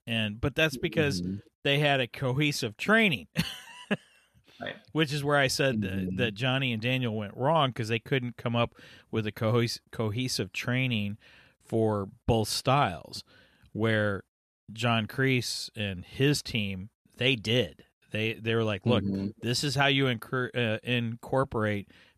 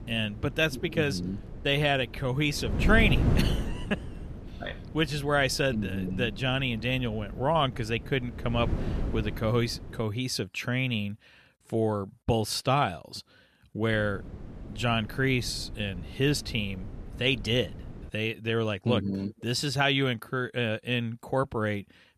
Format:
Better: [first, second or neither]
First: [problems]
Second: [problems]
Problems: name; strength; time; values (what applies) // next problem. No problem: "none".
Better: first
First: none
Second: wind noise on the microphone; occasional gusts; until 10 s and from 14 to 18 s; 15 dB below the speech